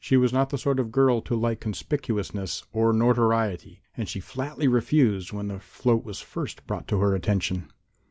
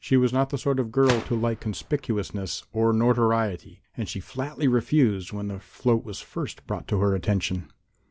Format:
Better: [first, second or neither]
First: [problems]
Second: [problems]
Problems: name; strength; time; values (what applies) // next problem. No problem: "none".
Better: first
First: none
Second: background sound (Gunshot, gunfire); 16 dB below the speech